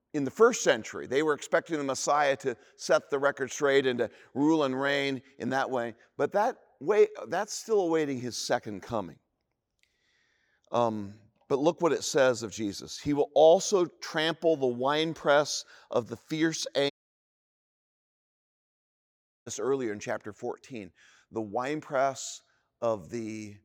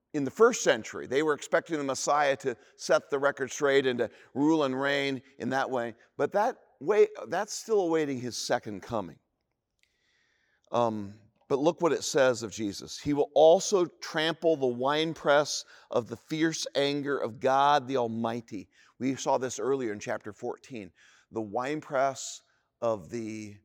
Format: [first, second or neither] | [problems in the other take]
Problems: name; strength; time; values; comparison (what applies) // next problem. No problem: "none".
second | audio cutting out; at 17 s for 2.5 s